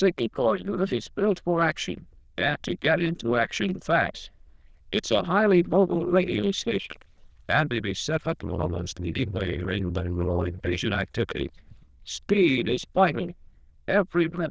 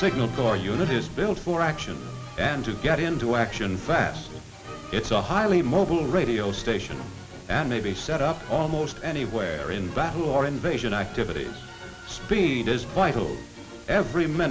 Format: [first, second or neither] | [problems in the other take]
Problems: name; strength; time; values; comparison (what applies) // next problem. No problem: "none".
second | noise reduction (neural diffusion model UNIVERSE++)